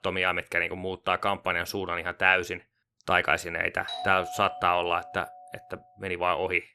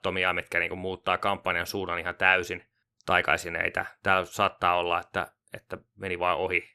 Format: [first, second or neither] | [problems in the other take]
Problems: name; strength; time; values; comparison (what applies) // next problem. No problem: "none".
second | doorbell; noticeable; from 4 to 5.5 s; peak 8 dB below the speech